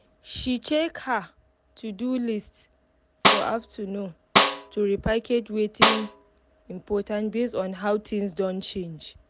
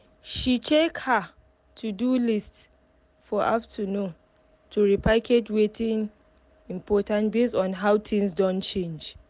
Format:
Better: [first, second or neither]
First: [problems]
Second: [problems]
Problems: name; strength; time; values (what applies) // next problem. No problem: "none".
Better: second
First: background sound (Snare drum); 4 dB above the speech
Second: none